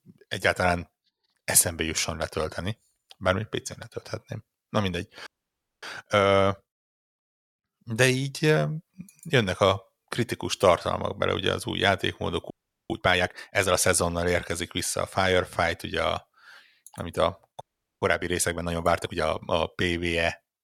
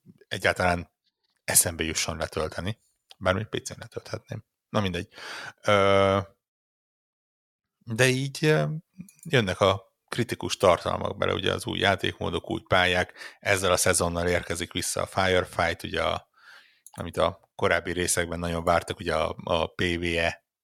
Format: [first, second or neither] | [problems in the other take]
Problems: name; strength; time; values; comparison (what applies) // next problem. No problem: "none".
second | audio freezing; at 5.5 s for 0.5 s, at 13 s and at 18 s